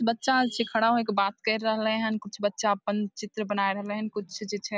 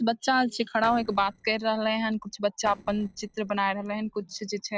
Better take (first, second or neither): first